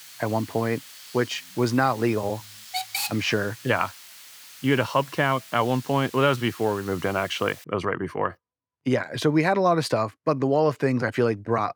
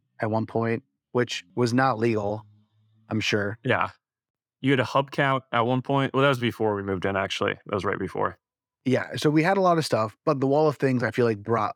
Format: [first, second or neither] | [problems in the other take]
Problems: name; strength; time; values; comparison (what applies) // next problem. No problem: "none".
second | hiss; noticeable; until 7.5 s; 15 dB below the speech